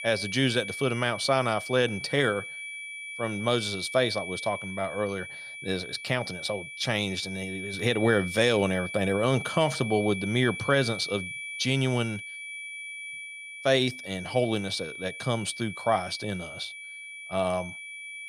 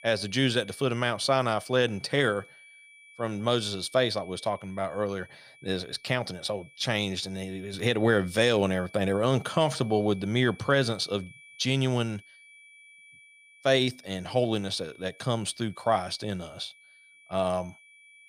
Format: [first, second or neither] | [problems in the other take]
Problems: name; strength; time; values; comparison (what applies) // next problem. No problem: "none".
second | high-pitched whine; loud; throughout; 2.5 kHz, 9 dB below the speech; faint in the second